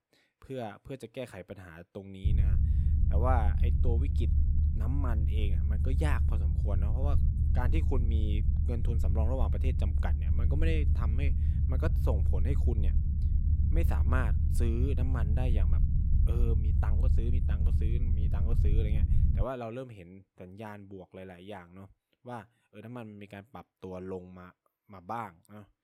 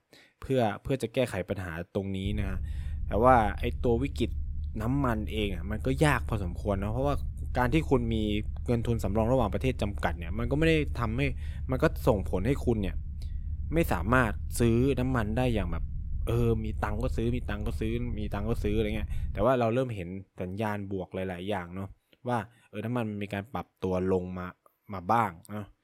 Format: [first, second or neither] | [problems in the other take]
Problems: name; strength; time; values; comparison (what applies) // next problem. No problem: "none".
second | low rumble; loud; from 2.5 to 19 s; 5 dB below the speech; faint in the second